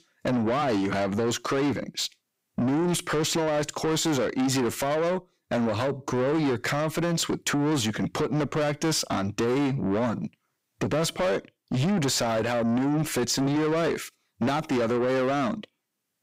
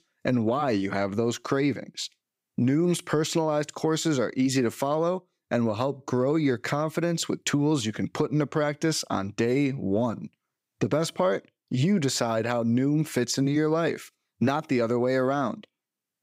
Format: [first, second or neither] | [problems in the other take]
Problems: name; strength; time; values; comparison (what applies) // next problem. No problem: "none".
second | distortion; heavy; 7 dB below the speech